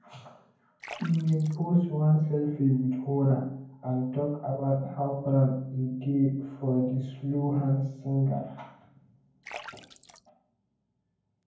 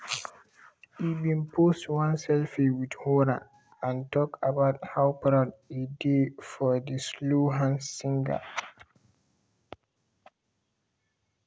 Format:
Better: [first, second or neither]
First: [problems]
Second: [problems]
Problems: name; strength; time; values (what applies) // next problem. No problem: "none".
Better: second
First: background sound (Splash, splatter); 20 dB below the speech // room echo; dies away in 0.9 s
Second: none